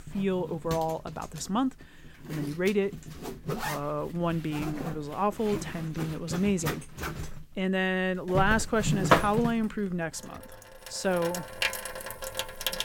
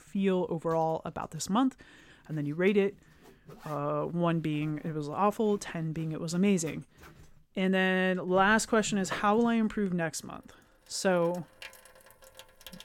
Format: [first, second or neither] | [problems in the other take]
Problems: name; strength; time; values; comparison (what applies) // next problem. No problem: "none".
second | household noises; loud; throughout; 4 dB below the speech; faint in the second